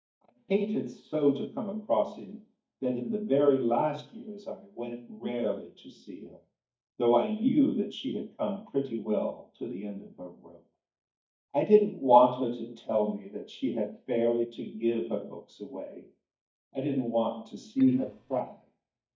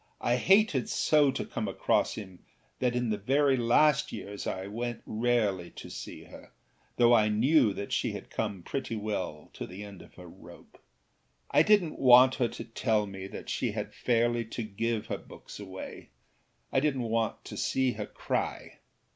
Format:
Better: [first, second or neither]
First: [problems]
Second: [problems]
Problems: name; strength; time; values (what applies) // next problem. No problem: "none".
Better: second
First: noise reduction (neural mask model DeepFilterNet 3)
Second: none